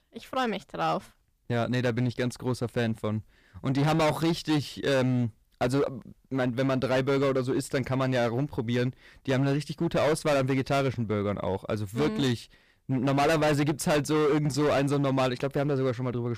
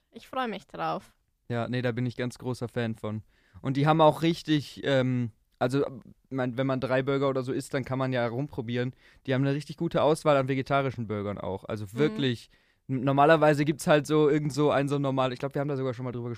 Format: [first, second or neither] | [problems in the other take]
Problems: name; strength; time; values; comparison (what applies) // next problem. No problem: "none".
second | distortion; heavy; 15% of the sound clipped